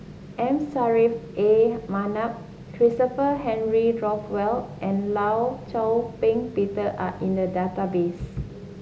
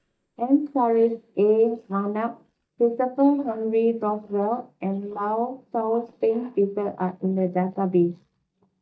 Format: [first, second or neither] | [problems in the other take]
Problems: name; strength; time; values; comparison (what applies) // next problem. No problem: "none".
first | noise reduction (neural mask model DeepFilterNet 3)